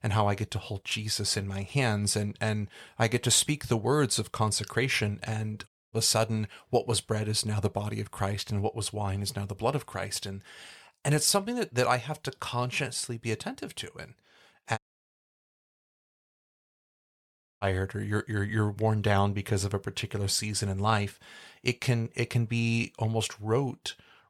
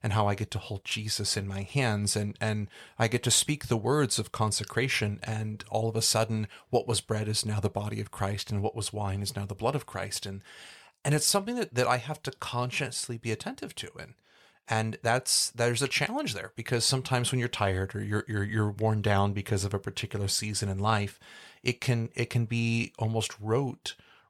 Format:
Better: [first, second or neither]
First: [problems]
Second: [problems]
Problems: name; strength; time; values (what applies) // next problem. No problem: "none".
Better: second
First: audio cutting out; at 5.5 s and at 15 s for 3 s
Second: none